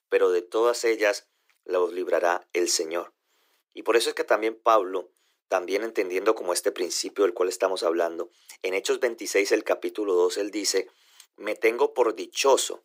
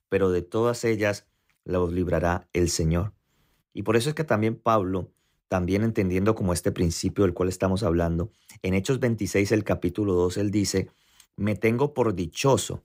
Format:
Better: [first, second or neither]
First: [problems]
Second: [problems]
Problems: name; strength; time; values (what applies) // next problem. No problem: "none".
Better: second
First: thin; very; fading below 350 Hz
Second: none